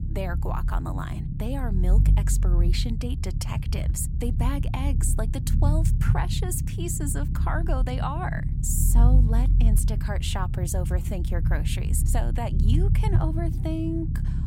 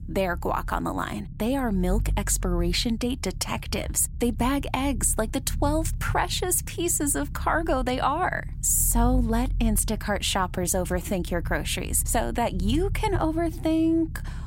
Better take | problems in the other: second | low rumble; loud; throughout; 7 dB below the speech; faint in the second

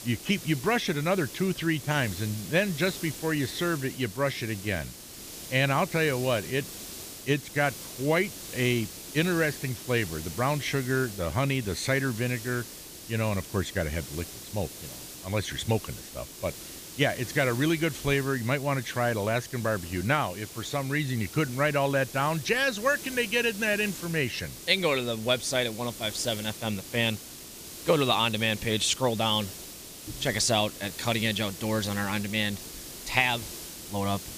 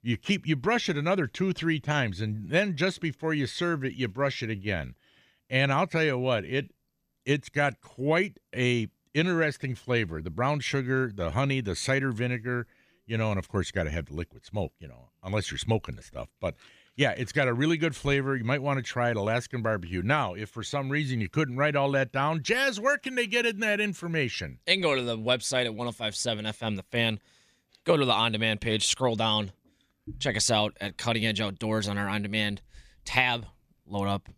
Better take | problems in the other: second | hiss; noticeable; throughout; 10 dB below the speech

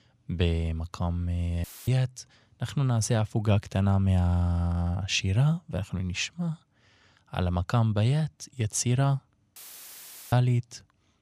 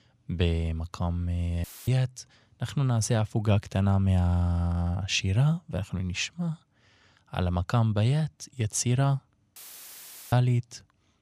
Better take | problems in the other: neither | audio cutting out; filled with static; at 1.5 s and at 9.5 s for 1 s; the same in both

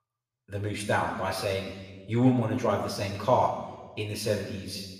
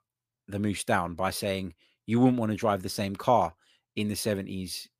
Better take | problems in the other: second | room echo; noticeable; dies away in 1.2 s // off-mic speech; somewhat distant

